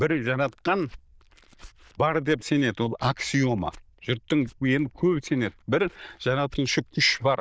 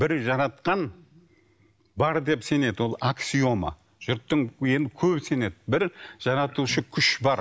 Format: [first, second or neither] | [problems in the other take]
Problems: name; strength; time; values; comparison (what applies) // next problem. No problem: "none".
second | noise reduction (neural diffusion model UNIVERSE++)